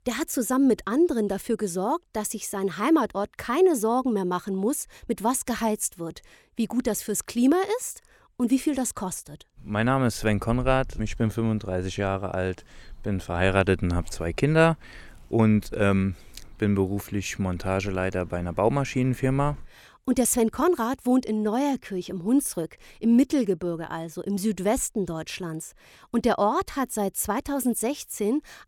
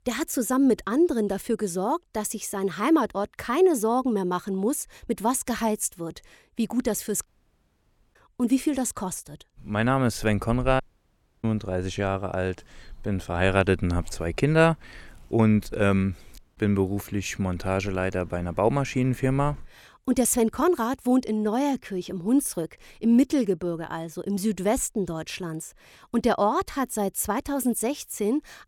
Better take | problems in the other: first | audio cutting out; at 7.5 s for 1 s, at 11 s for 0.5 s and at 16 s

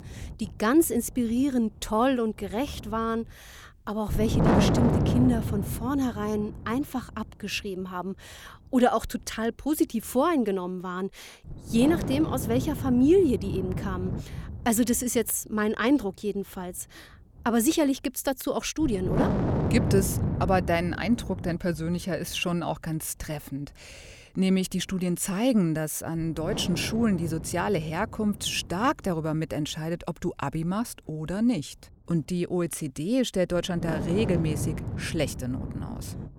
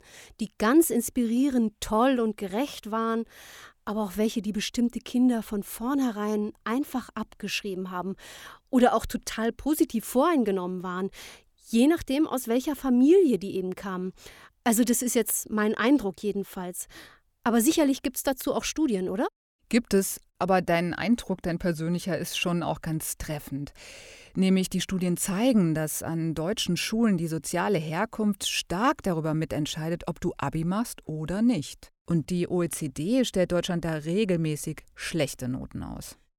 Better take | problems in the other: second | wind noise on the microphone; heavy; 6 dB below the speech

